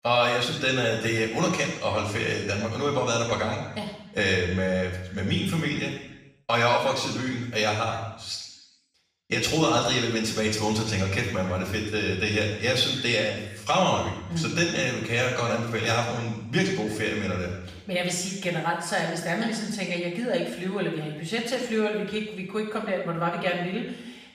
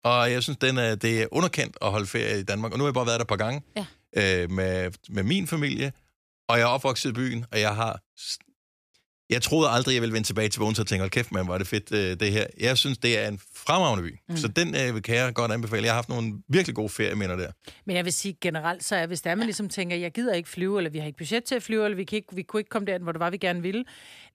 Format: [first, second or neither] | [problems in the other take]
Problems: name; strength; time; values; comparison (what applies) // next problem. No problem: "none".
second | room echo; noticeable; dies away in 0.9 s // off-mic speech; far